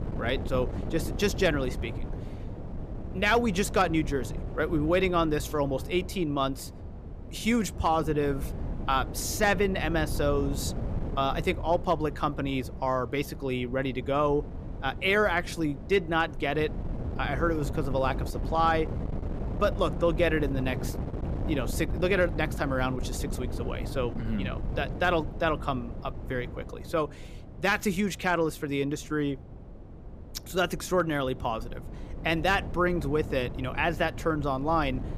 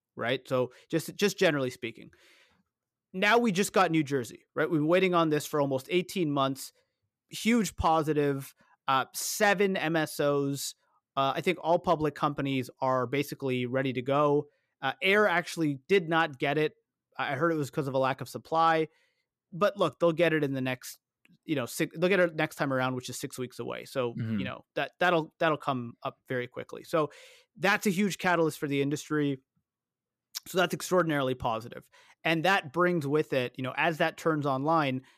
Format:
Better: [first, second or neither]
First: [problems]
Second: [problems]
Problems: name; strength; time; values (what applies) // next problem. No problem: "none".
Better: second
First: wind noise on the microphone; occasional gusts; 15 dB below the speech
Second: none